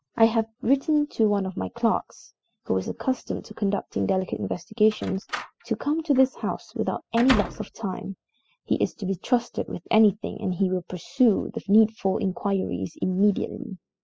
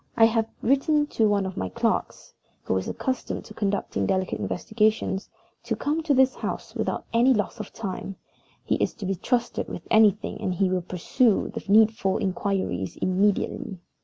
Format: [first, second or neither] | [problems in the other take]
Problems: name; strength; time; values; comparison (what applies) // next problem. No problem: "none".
second | noise reduction (classical method spectral subtraction)